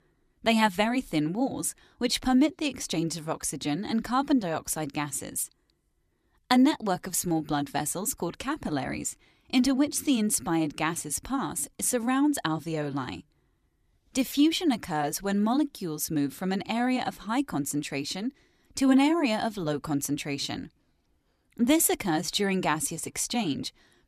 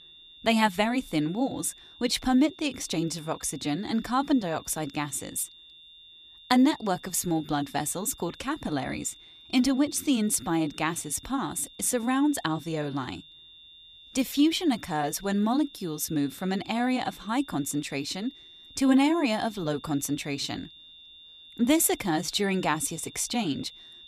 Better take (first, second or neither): first